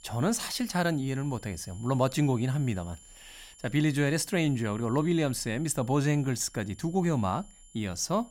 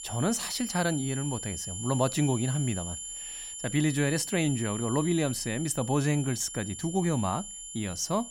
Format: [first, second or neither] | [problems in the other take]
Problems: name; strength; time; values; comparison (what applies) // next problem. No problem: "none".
first | high-pitched whine; loud; throughout; 7 kHz, 7 dB below the speech; faint in the first